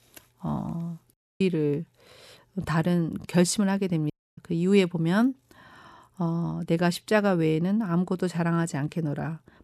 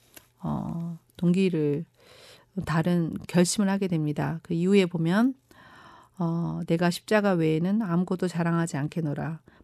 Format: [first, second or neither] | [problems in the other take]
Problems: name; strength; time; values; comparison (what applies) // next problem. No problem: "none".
second | audio cutting out; at 1 s and at 4 s